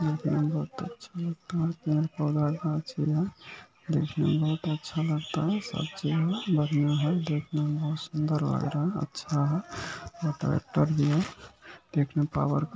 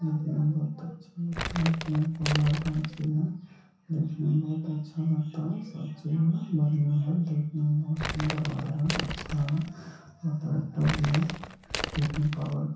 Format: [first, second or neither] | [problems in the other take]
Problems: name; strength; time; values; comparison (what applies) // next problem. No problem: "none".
first | background sound (Crumpling, crinkling); 8 dB below the speech // room echo; dies away in 0.6 s